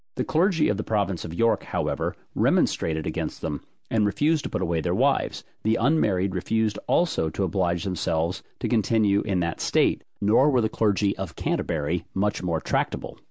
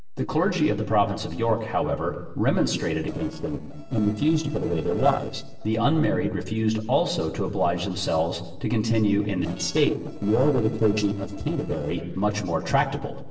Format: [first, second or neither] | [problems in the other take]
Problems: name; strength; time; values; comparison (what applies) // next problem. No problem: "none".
first | noise reduction (neural separator model SepFormer DNS4)